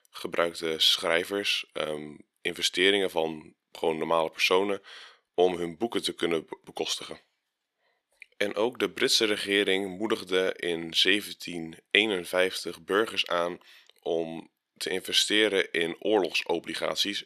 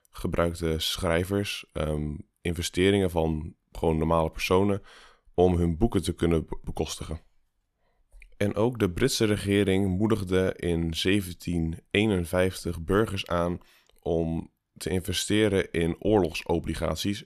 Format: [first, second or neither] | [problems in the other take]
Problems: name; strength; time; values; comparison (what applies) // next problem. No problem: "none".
second | thin; somewhat; fading below 400 Hz